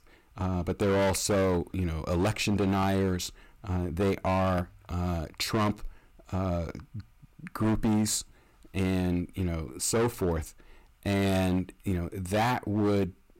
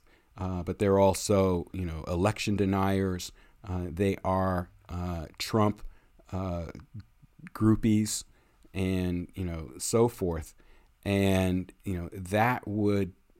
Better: second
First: distortion; heavy; 12% of the sound clipped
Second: none

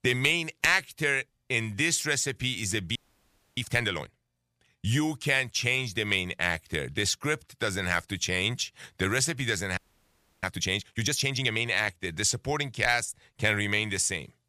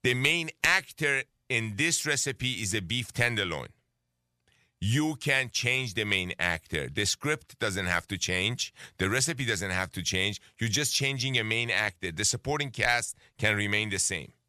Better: second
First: audio freezing; at 3 s for 0.5 s and at 10 s for 0.5 s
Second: none

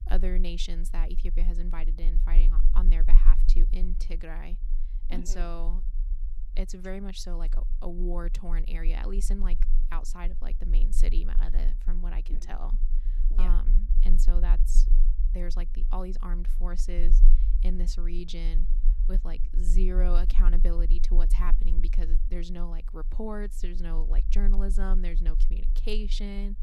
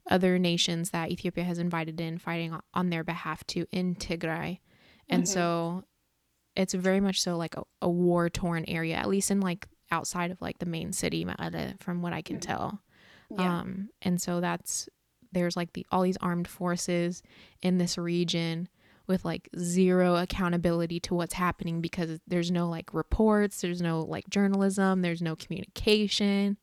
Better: second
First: low rumble; noticeable; throughout; 15 dB below the speech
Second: none

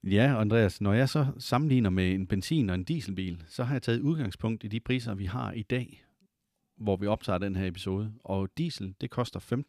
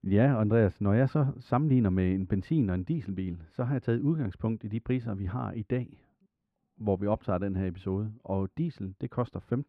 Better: first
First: none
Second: muffled; very; fading above 3 kHz

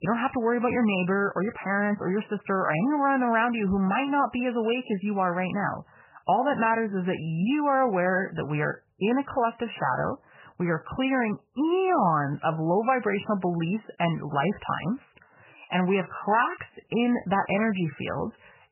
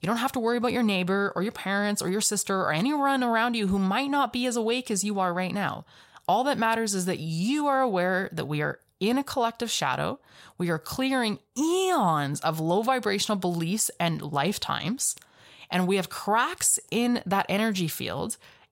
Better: second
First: garbled, watery; badly; nothing above 3 kHz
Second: none

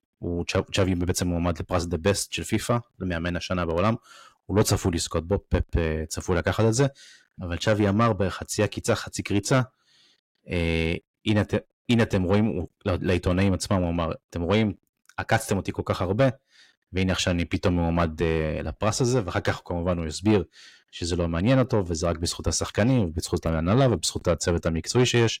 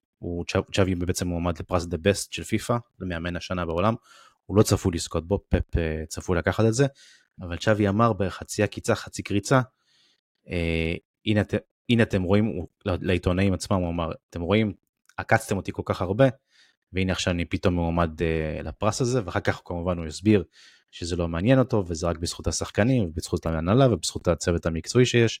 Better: second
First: distortion; slight; 10 dB below the speech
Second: none

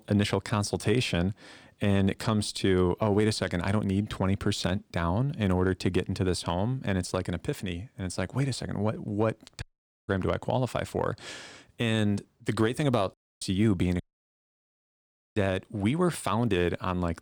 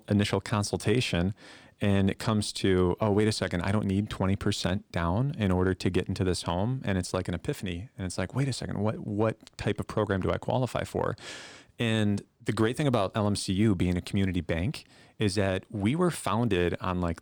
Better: second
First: audio cutting out; at 9.5 s, at 13 s and at 14 s for 1.5 s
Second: none

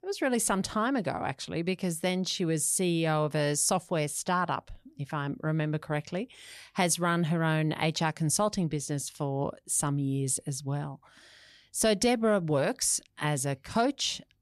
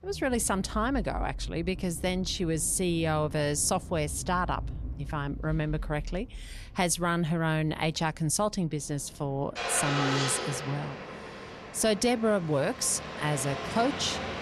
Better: first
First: none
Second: traffic noise; loud; throughout; 8 dB below the speech

